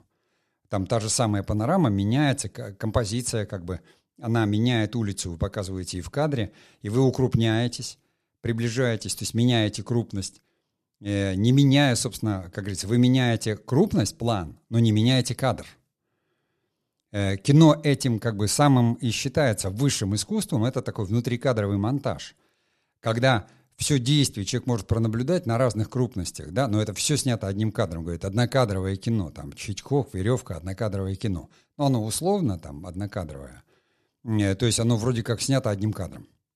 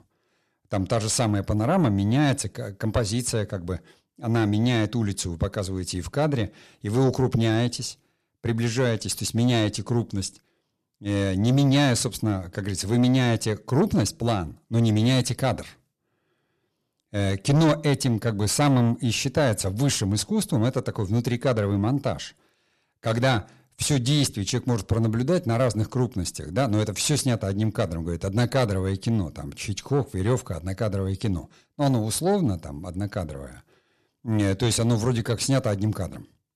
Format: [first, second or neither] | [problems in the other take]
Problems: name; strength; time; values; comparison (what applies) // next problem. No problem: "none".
first | distortion; slight; 10 dB below the speech